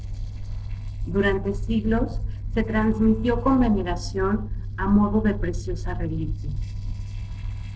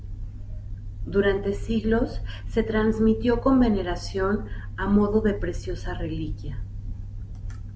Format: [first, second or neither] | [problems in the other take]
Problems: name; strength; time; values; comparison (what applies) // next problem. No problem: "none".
second | noise reduction (neural separator model SepFormer DNS4)